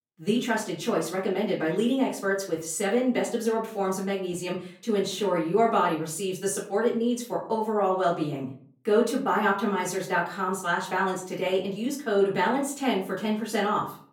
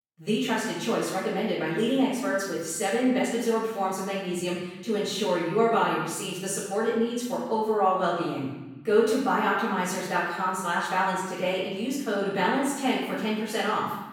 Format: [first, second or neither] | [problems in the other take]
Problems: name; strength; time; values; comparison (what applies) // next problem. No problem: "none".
first | room echo; strong; dies away in 1.1 s; slight in the first // off-mic speech; far; far in the first